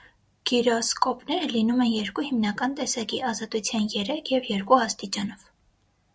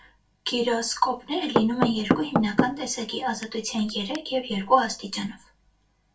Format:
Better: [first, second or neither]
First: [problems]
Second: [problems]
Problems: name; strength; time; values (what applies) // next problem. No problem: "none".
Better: first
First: none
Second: background sound (Knock / Wood); 2 dB below the speech // room echo; dies away in 0.2 s